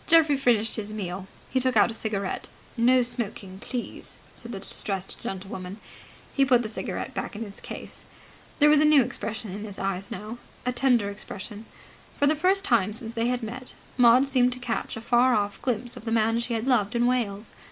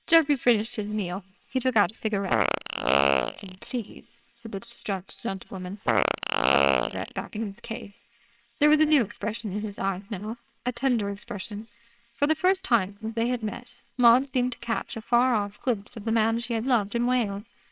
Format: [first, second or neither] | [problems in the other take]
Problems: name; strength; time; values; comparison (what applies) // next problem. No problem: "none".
first | noise reduction (neural separator model SepFormer WHAMR!)